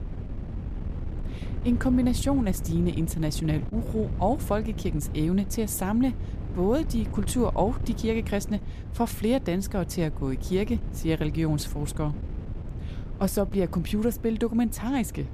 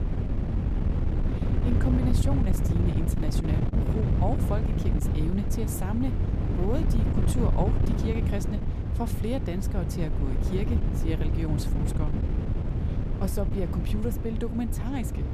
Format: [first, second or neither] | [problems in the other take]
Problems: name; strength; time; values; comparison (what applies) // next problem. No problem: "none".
first | wind noise on the microphone; heavy; 2 dB below the speech; occasional gusts in the first